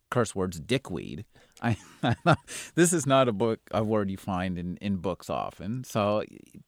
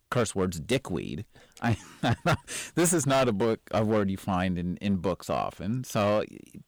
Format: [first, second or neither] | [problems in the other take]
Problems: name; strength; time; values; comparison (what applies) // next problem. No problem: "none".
first | distortion; heavy; 8% of the sound clipped